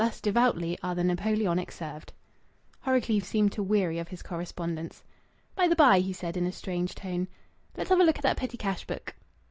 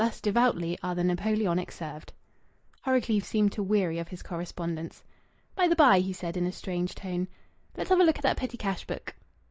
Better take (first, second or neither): first